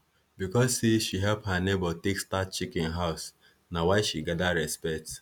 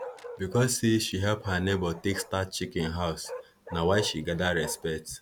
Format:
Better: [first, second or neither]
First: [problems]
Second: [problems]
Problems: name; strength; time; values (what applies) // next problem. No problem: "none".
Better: first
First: none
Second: background sound (Bark); 15 dB below the speech